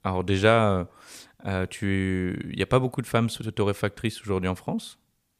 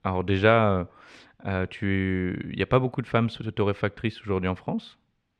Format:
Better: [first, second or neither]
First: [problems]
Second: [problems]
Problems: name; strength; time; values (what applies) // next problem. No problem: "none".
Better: first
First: none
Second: muffled; slightly; fading above 2.5 kHz